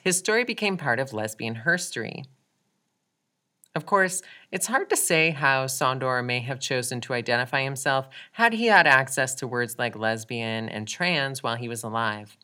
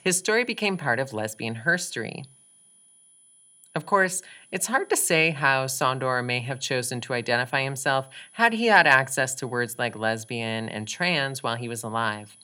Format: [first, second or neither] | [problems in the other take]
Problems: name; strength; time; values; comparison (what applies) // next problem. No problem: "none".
first | high-pitched whine; faint; throughout; 10 kHz, 30 dB below the speech